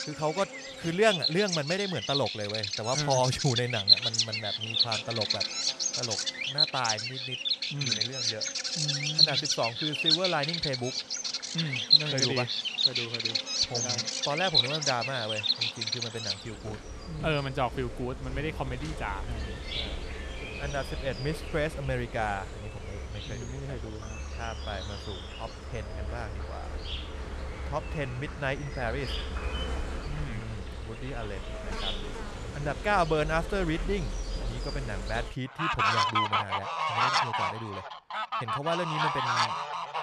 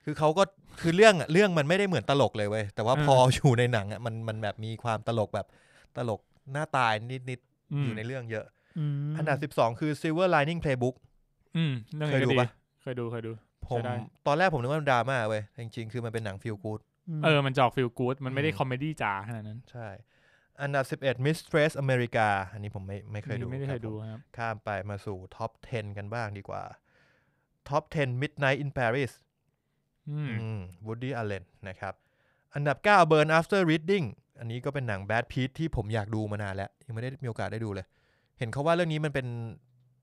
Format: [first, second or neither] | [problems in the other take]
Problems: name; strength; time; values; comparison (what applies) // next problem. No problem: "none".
second | animal sounds; very loud; throughout; 4 dB above the speech